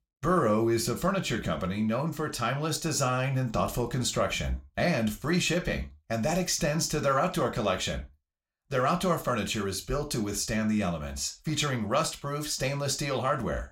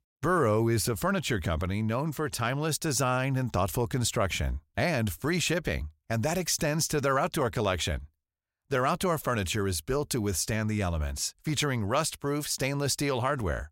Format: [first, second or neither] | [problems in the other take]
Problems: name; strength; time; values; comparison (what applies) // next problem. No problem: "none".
second | room echo; very slight; dies away in 0.3 s